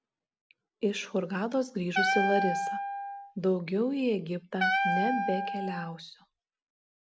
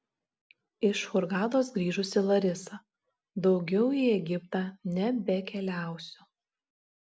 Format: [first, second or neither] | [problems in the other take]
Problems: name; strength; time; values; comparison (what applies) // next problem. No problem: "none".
second | background sound (Wind instrument, woodwind instrument); 1 dB above the speech